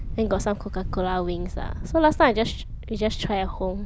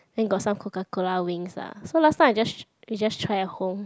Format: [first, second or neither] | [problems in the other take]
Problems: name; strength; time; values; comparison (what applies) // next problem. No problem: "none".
second | background sound (Wind); 6 dB below the speech